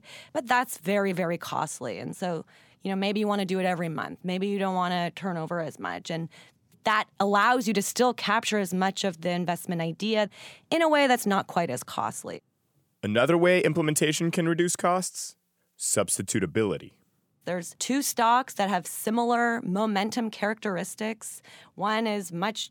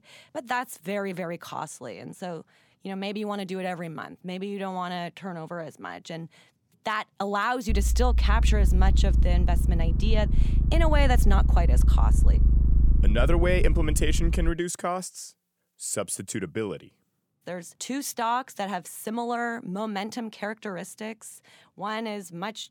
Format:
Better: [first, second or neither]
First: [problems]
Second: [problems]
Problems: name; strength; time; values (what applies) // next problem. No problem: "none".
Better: first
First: none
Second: low rumble; noticeable; from 7.5 to 15 s; 10 dB below the speech